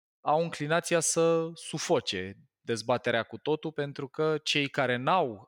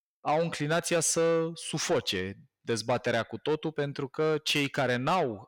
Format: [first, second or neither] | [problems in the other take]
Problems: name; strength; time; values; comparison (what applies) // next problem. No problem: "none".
first | distortion; slight; 10 dB below the speech